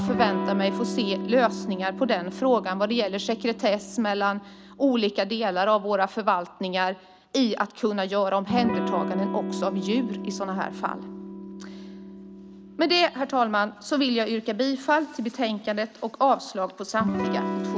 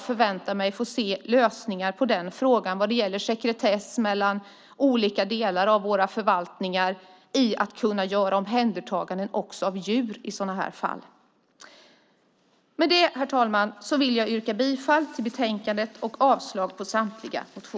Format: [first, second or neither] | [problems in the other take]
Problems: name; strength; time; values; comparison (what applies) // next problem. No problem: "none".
second | background sound (Electric guitar / Strum); 8 dB below the speech